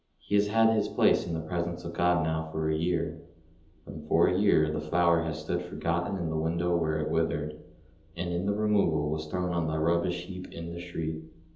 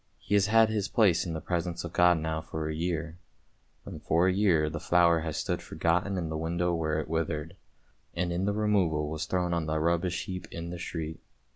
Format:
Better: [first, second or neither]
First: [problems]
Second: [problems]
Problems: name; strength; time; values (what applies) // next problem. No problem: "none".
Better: second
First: room echo; dies away in 1.2 s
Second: none